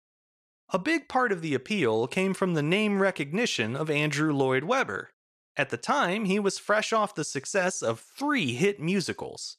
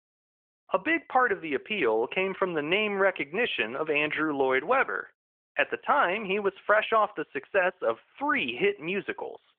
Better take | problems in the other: first | phone-call audio

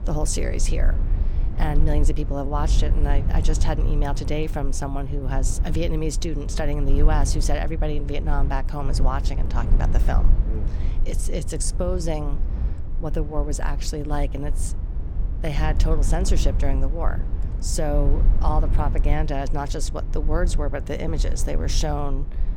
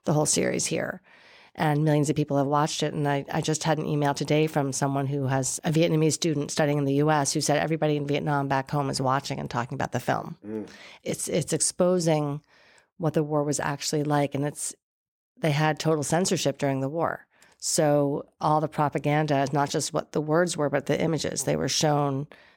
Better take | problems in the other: second | low rumble; noticeable; throughout; 10 dB below the speech

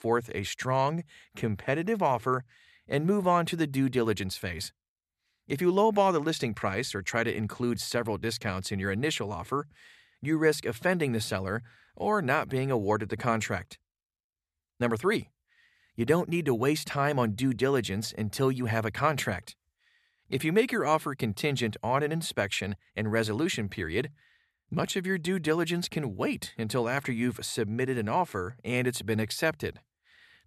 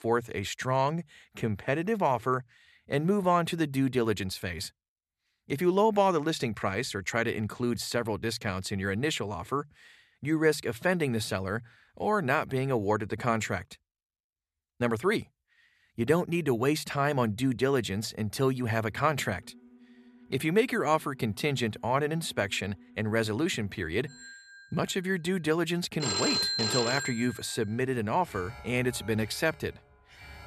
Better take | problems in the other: first | alarms or sirens; loud; from 19 s on; 1 dB below the speech

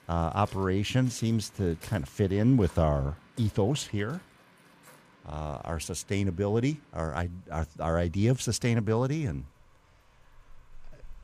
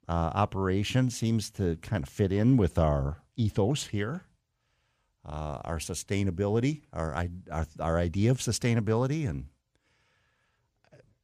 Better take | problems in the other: second | rain or running water; faint; throughout; 25 dB below the speech

